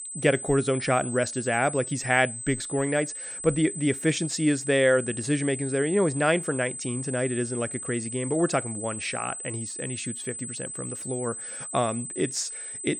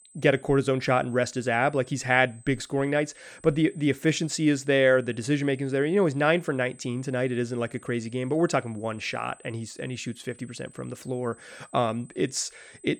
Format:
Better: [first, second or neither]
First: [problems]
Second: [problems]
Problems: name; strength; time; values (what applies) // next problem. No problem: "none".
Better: second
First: high-pitched whine; loud; throughout; 8 kHz, 7 dB below the speech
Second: high-pitched whine; faint; throughout; 8 kHz, 25 dB below the speech